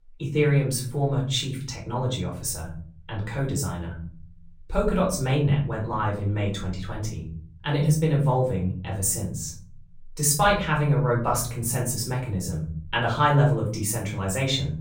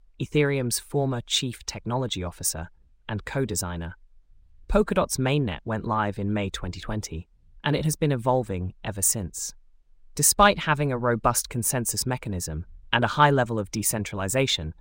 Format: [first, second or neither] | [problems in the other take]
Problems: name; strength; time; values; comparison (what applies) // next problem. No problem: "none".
second | off-mic speech; far // room echo; slight; dies away in 0.7 s